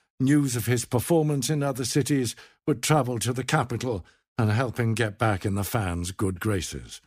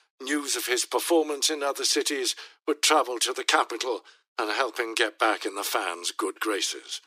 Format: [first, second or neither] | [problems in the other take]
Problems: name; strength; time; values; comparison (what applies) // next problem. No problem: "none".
first | thin; very; fading below 300 Hz